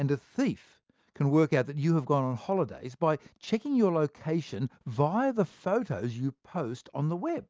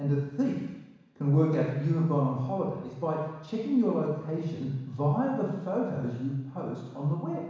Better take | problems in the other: first | room echo; dies away in 1.1 s

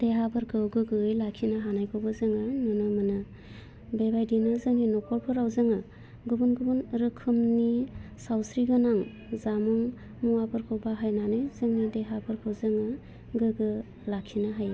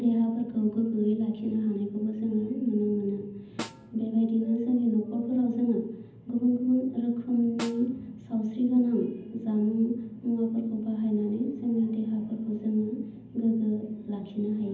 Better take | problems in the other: first | background sound (Snare drum); 16 dB below the speech // room echo; dies away in 0.8 s

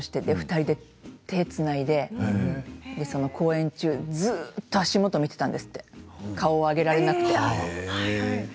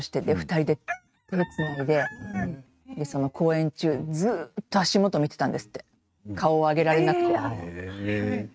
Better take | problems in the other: first | noise reduction (neural mask model RNNoise)

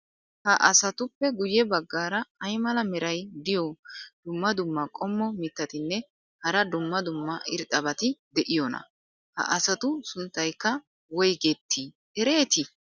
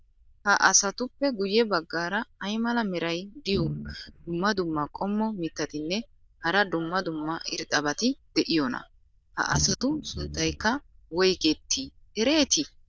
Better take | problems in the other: first | noise reduction (neural diffusion model UNIVERSE++)

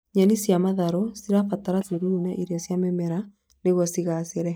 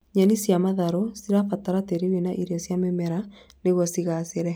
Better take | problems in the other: second | noise reduction (neural mask model DeepFilterNet 3)

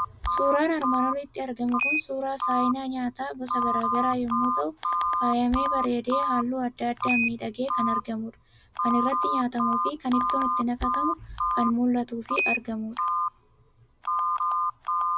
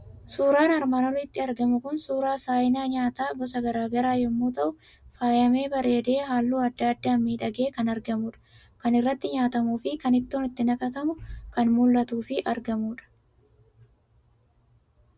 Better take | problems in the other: second | background sound (Telephone); 1 dB above the speech

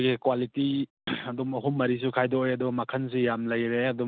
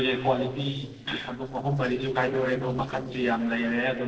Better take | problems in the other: first | noise reduction (neural separator model SepFormer DNS4)

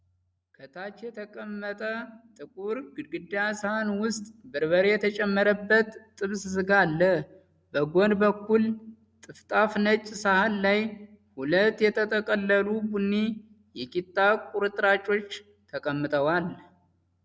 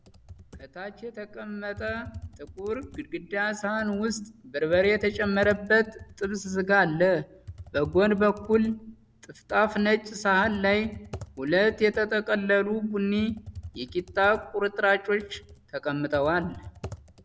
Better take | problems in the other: first | background sound (Computer keyboard); 19 dB below the speech

